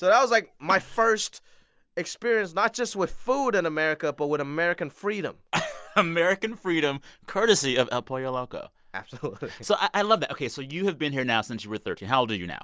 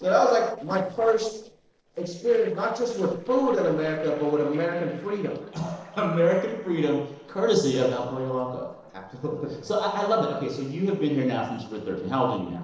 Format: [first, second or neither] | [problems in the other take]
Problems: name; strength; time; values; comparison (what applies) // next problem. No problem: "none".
first | noise reduction (neural separator model SepFormer DNS4)